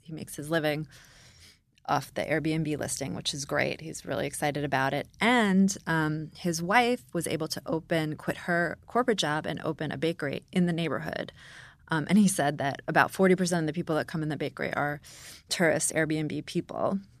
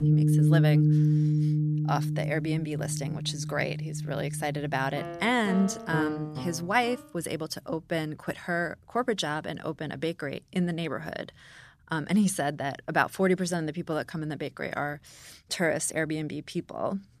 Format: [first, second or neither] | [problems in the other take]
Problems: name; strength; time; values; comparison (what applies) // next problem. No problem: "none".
first | background music; very loud; until 6.5 s; 3 dB above the speech